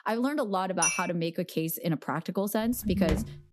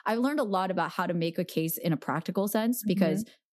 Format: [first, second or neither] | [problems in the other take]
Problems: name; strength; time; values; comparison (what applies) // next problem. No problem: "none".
second | clattering dishes; loud; at 1 s; peak 2 dB above the speech // footsteps; noticeable; at 2.5 s; peak 5 dB below the speech